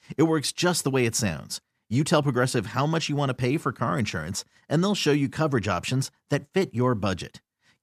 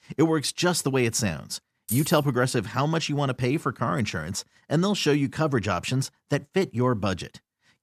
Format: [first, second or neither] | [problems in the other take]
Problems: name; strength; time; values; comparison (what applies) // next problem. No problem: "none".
first | jangling keys; noticeable; at 2 s; peak 7 dB below the speech